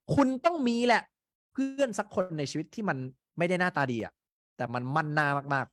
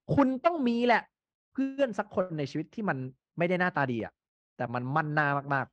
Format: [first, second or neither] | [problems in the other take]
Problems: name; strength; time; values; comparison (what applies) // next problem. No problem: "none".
first | muffled; slightly; fading above 3 kHz